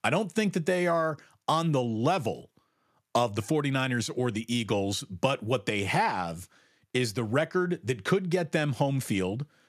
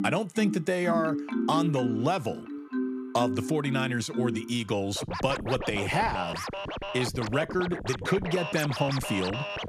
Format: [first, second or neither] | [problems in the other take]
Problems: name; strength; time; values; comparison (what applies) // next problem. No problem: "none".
first | background music; loud; throughout; 4 dB below the speech